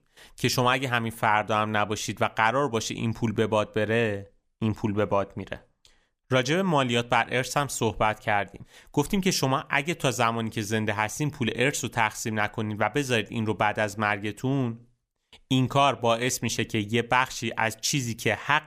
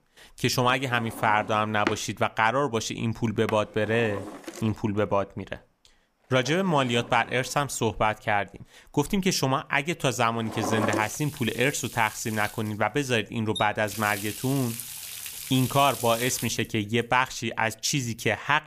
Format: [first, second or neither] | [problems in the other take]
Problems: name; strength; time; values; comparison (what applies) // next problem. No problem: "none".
first | household noises; noticeable; throughout; 10 dB below the speech